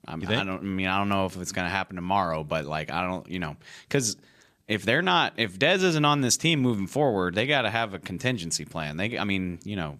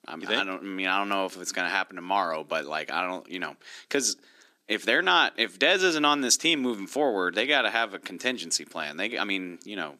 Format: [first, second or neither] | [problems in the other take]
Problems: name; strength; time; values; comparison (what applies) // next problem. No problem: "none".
first | thin; very slightly; fading below 300 Hz